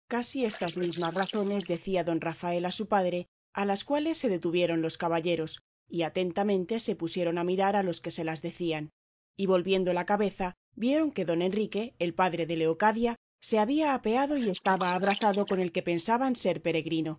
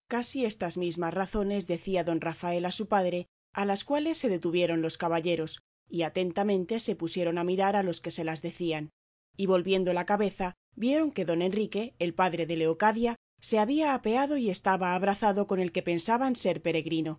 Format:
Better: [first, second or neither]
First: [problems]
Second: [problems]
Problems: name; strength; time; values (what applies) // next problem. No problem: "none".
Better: second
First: noise reduction (neural mask model Resemble Enhance denoiser)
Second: none